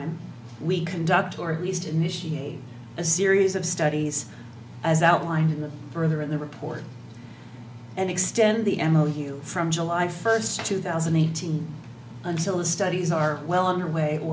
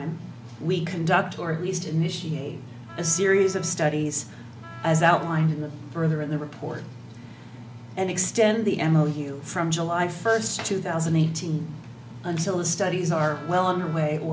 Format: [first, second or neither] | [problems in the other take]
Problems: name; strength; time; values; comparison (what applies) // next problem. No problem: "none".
first | background sound (Wind instrument, woodwind instrument); 19 dB below the speech